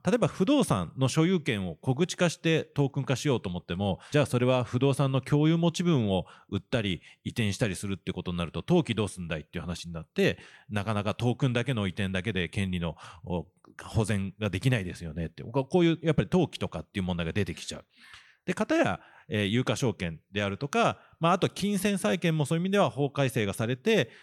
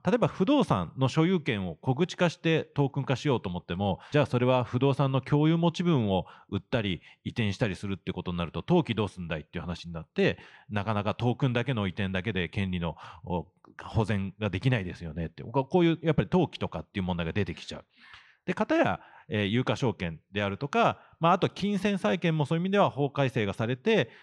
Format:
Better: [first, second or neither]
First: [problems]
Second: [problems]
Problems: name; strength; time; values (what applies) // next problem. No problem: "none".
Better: first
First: none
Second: muffled; very slightly; fading above 4.5 kHz